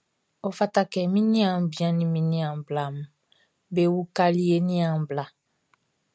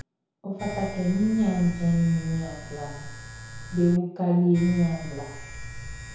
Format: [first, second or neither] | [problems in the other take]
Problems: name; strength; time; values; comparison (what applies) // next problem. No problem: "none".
first | background sound (Domestic sounds, home sounds); 13 dB below the speech // room echo; dies away in 0.8 s